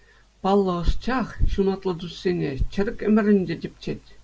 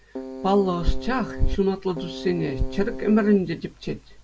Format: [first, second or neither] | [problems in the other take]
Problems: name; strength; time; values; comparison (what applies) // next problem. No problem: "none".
first | background sound (Keyboard (musical)); 12 dB below the speech